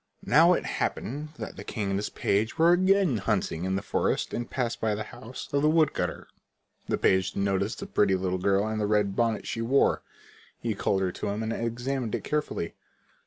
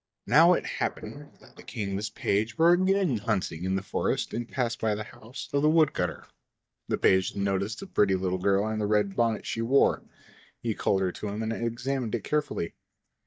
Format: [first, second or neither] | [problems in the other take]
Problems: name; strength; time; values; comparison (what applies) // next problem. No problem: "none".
first | noise reduction (neural mask model DeepFilterNet 3)